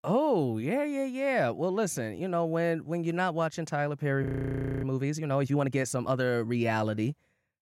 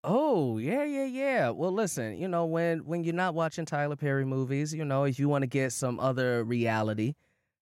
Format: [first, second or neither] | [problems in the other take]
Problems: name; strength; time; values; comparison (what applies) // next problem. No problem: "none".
second | audio freezing; at 4 s for 0.5 s